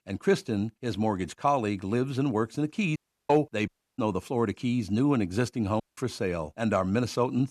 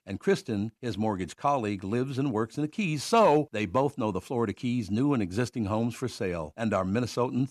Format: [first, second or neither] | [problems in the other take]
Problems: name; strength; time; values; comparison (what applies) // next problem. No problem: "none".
second | audio cutting out; at 3 s, at 3.5 s and at 6 s